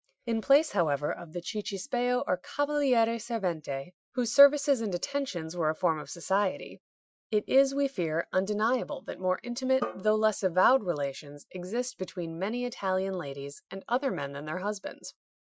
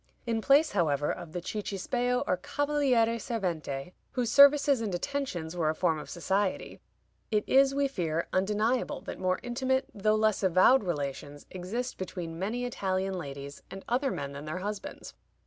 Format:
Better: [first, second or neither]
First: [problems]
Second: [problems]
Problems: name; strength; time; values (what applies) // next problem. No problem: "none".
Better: second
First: noise reduction (classical method Wiener filter)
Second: none